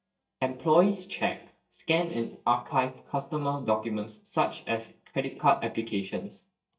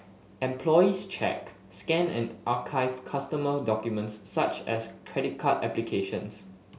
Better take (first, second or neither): second